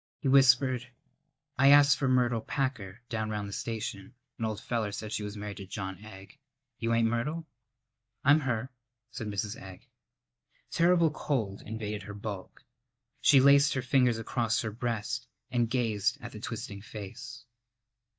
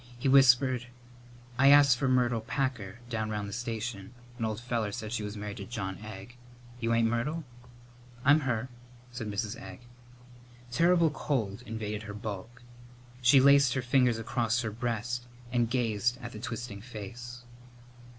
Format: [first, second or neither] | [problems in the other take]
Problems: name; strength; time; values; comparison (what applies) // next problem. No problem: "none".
second | noise reduction (neural mask model DeepFilterNet 3)